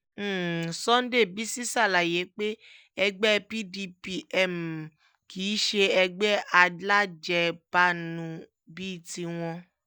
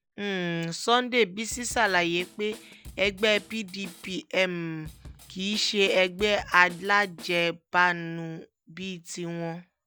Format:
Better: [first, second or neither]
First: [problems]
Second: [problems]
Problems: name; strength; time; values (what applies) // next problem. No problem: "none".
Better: first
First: none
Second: background sound (Drum kit); 20 dB below the speech